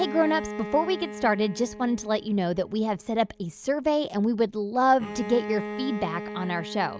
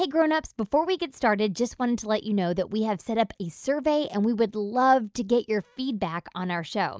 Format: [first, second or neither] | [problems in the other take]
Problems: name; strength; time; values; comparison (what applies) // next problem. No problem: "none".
second | background sound (Bowed string instrument); 12 dB below the speech